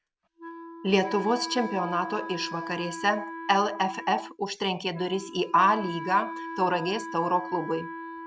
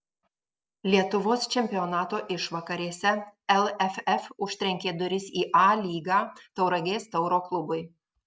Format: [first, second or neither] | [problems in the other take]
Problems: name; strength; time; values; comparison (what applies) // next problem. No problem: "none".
second | background sound (Wind instrument, woodwind instrument); 10 dB below the speech